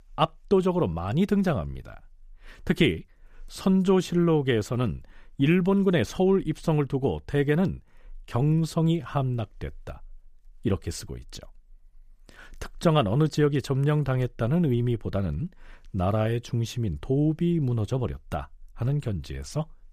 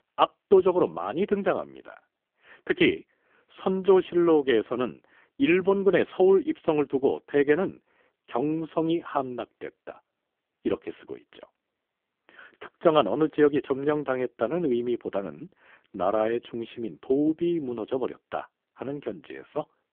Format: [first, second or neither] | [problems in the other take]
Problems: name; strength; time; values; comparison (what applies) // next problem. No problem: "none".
first | phone-call audio; poor line; nothing above 3.5 kHz